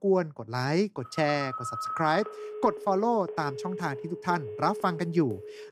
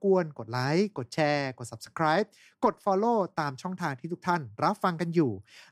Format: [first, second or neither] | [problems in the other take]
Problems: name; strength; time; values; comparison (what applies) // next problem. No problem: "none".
second | phone ringing; noticeable; from 1 s on; peak 4 dB below the speech